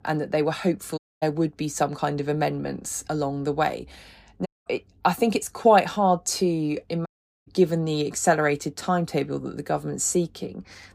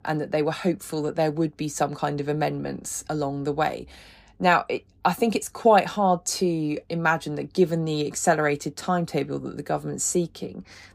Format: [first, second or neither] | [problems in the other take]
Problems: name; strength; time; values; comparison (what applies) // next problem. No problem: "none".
second | audio cutting out; at 1 s, at 4.5 s and at 7 s